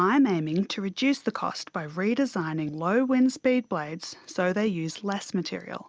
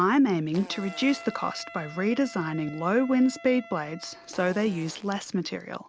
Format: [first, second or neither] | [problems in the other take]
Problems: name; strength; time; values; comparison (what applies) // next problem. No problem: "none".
first | background sound (Fart + Wind instrument, woodwind instrument); 19 dB below the speech